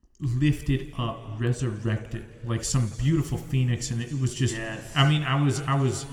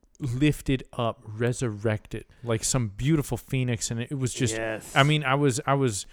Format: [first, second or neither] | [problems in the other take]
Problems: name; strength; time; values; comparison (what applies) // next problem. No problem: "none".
second | room echo; slight; dies away in 2 s